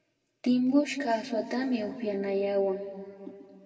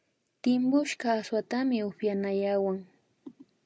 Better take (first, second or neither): second